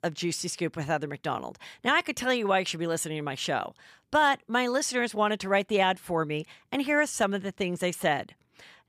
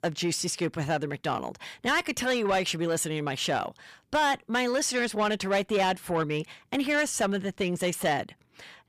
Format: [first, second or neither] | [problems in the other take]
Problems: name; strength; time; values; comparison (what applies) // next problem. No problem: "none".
first | distortion; slight; 10 dB below the speech